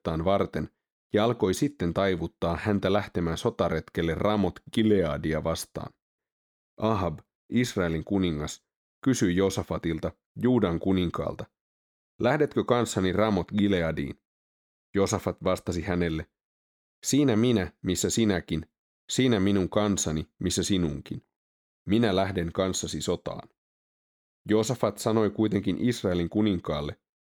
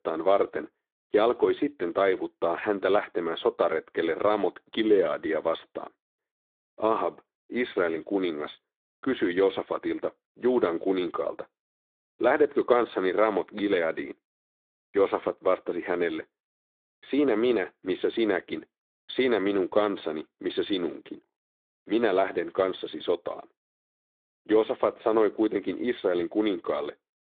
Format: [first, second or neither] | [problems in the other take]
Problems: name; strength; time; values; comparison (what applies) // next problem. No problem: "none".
first | phone-call audio; nothing above 3.5 kHz